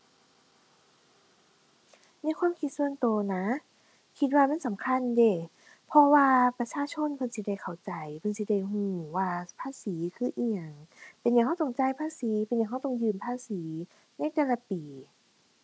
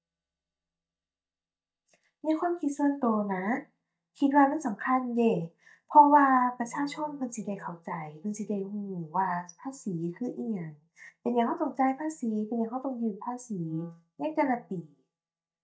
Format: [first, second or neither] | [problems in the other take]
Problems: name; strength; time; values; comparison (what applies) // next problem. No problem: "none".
first | noise reduction (neural mask model DeepFilterNet 3)